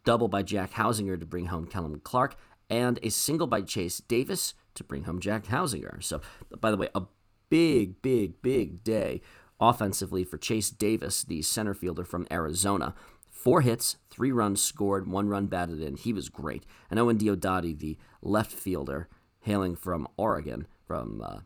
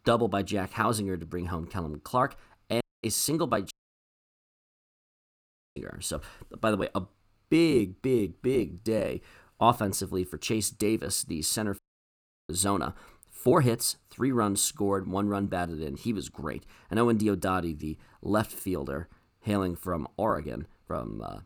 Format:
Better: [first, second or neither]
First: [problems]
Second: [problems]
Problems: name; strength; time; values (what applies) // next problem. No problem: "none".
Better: first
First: none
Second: audio cutting out; at 3 s, at 3.5 s for 2 s and at 12 s for 0.5 s